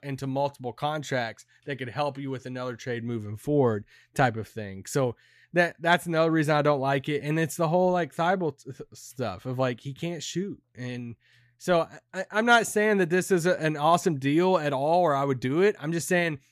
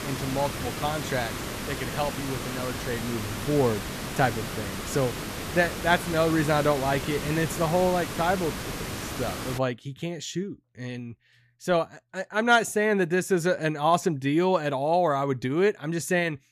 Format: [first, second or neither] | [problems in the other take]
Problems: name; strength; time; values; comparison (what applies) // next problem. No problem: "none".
first | hiss; loud; until 9.5 s; 7 dB below the speech